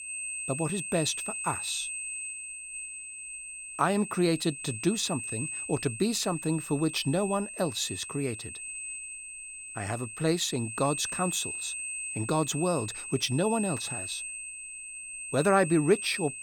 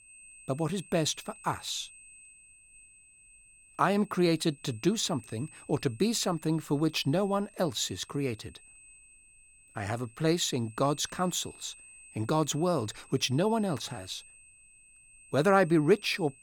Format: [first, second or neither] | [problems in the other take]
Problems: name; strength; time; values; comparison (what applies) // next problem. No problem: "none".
second | high-pitched whine; loud; throughout; 8.5 kHz, 6 dB below the speech; faint in the second